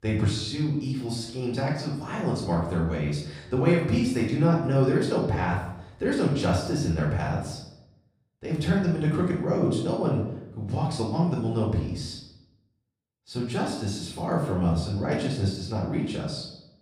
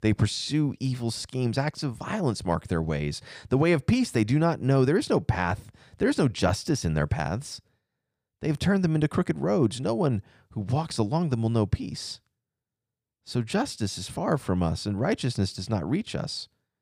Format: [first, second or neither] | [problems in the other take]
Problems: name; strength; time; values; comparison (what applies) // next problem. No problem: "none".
second | off-mic speech; far // room echo; noticeable; dies away in 0.7 s